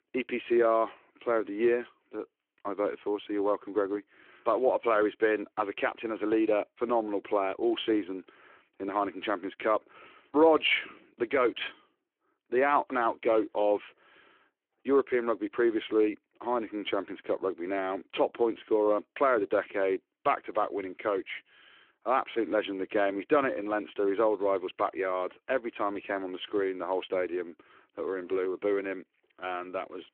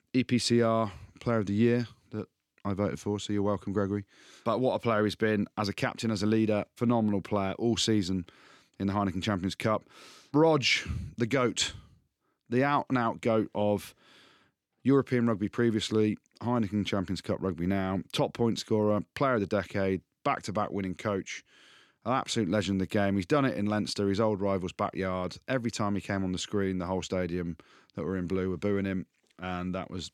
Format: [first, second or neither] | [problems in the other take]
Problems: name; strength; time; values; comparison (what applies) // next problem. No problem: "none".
second | phone-call audio